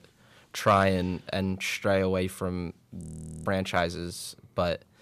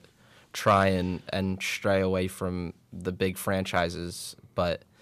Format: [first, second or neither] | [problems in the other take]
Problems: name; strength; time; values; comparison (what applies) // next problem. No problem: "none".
second | audio freezing; at 3 s